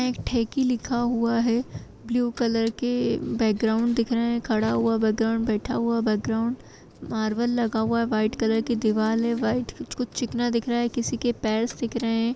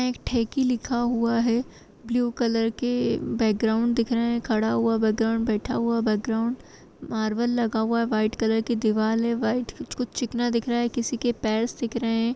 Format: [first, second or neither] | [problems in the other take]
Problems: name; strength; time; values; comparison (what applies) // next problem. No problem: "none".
second | background sound (Car); 19 dB below the speech